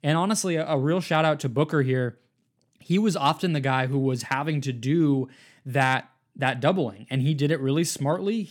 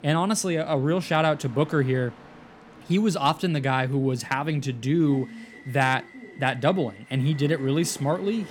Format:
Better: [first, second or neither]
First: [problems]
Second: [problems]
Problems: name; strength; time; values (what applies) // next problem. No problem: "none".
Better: first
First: none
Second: train or aircraft noise; faint; throughout; 20 dB below the speech